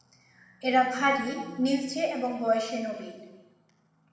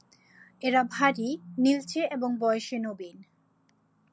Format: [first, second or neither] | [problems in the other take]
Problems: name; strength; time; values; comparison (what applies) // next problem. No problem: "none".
second | room echo; dies away in 1.2 s